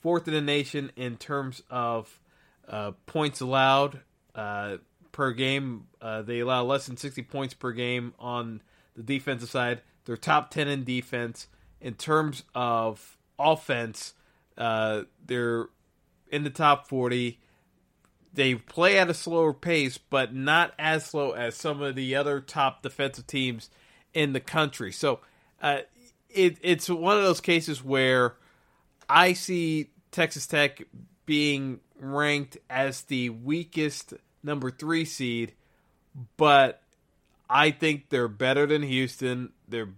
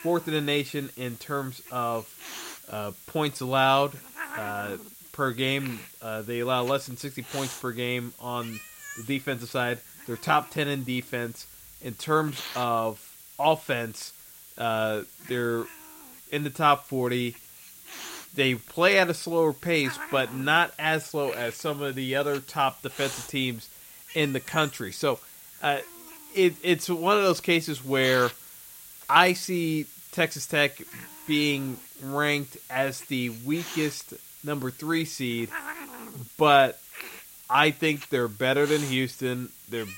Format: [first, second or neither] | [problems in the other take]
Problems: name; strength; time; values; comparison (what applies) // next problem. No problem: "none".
first | hiss; noticeable; throughout; 15 dB below the speech